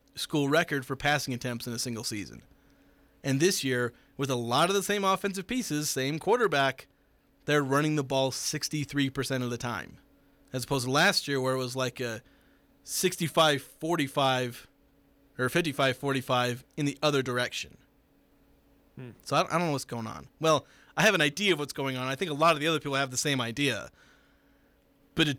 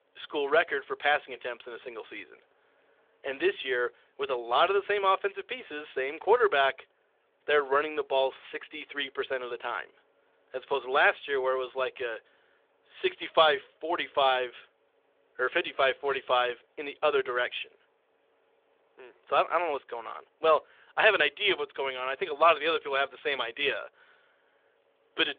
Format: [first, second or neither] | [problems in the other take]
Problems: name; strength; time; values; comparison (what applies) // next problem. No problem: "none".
first | phone-call audio; nothing above 3.5 kHz